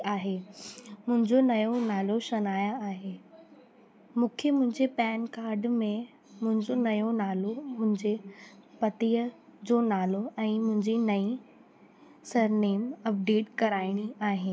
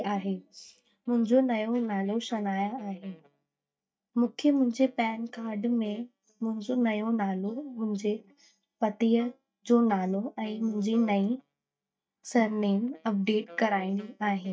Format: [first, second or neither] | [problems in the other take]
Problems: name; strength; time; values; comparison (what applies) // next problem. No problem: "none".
first | noise reduction (neural mask model DeepFilterNet 3)